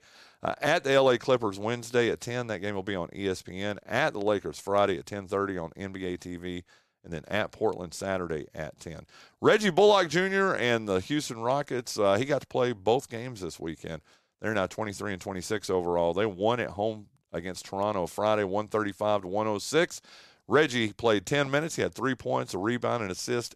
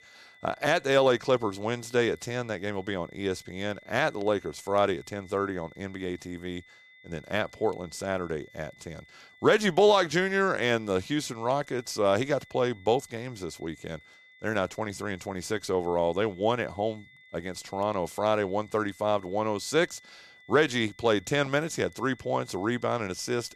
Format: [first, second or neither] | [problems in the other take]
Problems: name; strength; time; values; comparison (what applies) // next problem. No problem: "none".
first | high-pitched whine; faint; throughout; 2 kHz, 25 dB below the speech